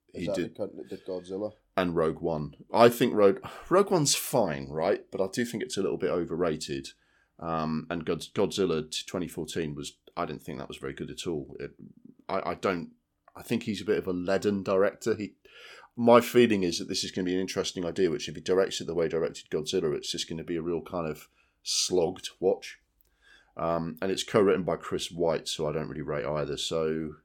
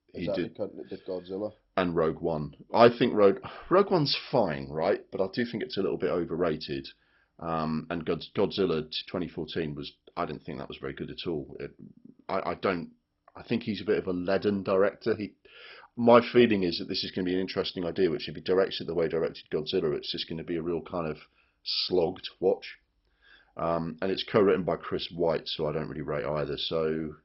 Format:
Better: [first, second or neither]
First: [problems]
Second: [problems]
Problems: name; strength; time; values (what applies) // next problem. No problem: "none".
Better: first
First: none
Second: garbled, watery; badly; nothing above 5.5 kHz